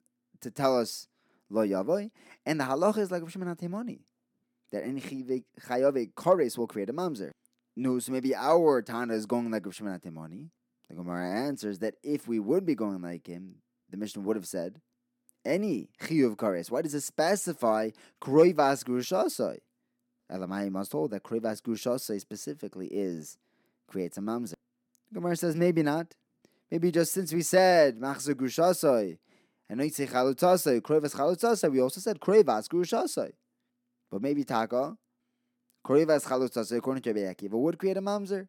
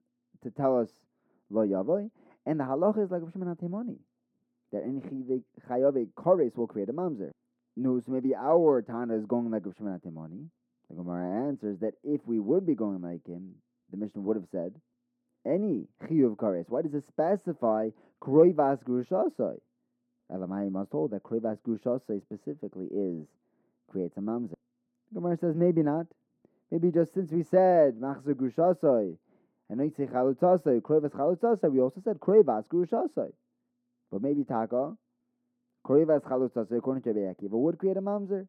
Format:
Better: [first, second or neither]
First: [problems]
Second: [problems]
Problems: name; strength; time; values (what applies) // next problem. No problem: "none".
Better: first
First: none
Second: muffled; very; fading above 2 kHz